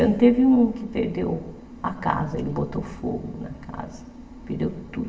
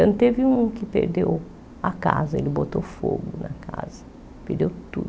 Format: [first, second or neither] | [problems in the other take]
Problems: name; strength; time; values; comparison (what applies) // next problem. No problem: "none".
second | room echo; dies away in 0.9 s